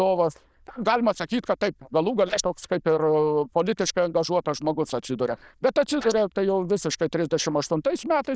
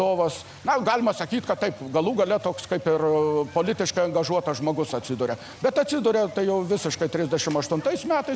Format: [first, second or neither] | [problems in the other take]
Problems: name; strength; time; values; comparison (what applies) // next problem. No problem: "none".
second | noise reduction (neural diffusion model UNIVERSE++)